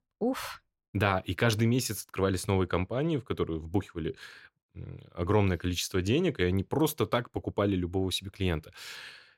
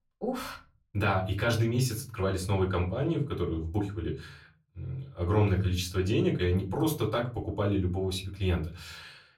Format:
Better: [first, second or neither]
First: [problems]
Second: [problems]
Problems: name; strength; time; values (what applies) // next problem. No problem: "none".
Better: first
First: none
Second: off-mic speech; far // room echo; very slight; dies away in 0.3 s